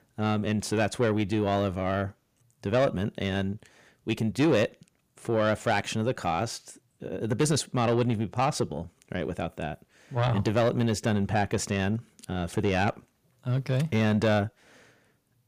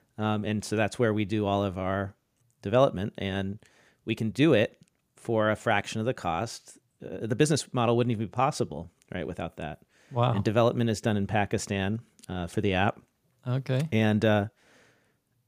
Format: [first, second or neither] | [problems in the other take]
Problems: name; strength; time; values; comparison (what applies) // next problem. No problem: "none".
second | distortion; slight; 10 dB below the speech